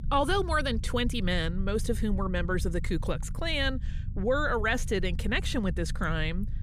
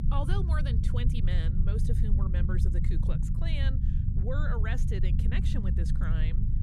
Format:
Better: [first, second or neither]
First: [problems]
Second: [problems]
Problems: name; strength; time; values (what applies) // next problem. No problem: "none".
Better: first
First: low rumble; faint; throughout; 20 dB below the speech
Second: low rumble; loud; throughout; 2 dB below the speech